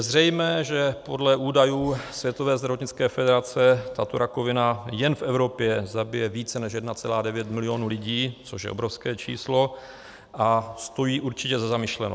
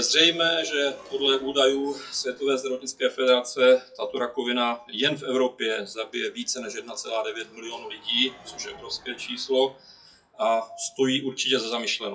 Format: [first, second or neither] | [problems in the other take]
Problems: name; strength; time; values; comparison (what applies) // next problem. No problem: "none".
first | noise reduction (classical method WPE with log-MMSE)